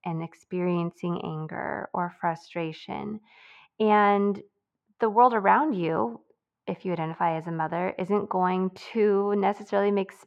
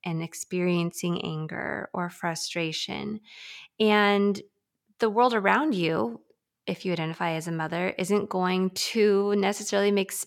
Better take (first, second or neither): second